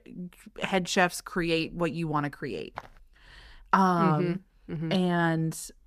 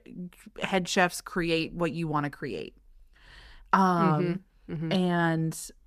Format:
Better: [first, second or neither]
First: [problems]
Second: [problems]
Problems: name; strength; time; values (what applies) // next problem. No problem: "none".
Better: second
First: footsteps; faint; at 3 s; peak 20 dB below the speech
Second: none